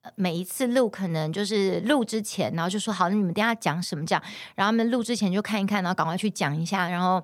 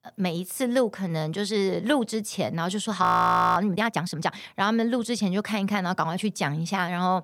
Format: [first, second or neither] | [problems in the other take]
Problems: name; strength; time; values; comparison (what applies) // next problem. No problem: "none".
first | audio freezing; at 3 s for 0.5 s